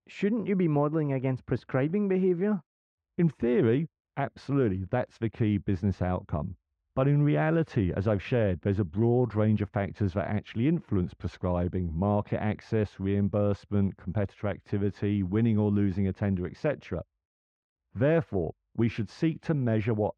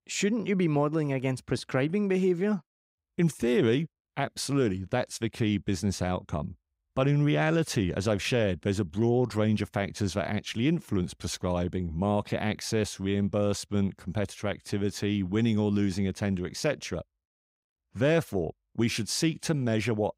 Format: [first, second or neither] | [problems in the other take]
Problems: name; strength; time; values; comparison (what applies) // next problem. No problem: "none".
second | muffled; very; fading above 1.5 kHz